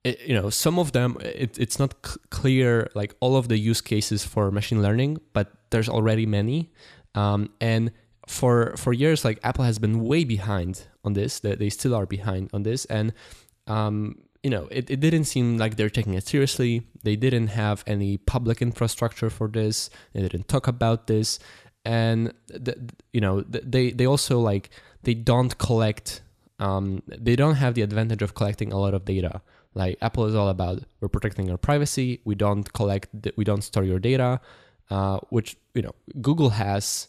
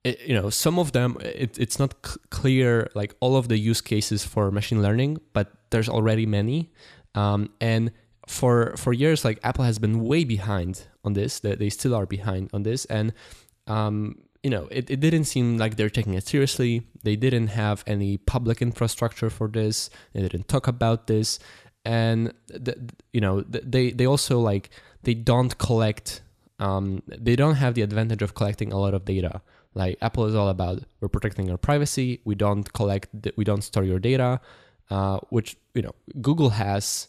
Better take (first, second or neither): neither